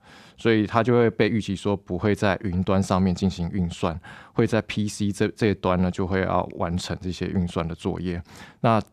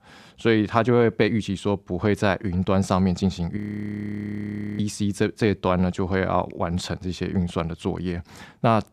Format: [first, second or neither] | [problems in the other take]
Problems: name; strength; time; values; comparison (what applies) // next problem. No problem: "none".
first | audio freezing; at 3.5 s for 1 s